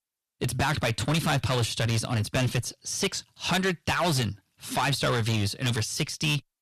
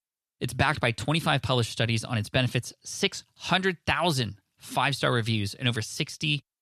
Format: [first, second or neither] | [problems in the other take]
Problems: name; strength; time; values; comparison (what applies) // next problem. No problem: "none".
second | distortion; heavy; 14% of the sound clipped